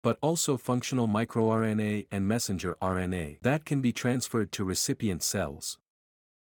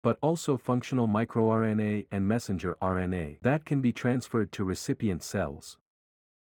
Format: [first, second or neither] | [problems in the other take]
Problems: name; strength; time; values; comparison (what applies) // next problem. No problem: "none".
first | muffled; slightly; fading above 3 kHz